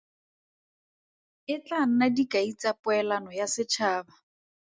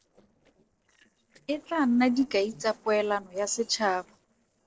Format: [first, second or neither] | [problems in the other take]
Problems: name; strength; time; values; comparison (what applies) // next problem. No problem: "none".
first | noise reduction (neural separator model SepFormer DNS4)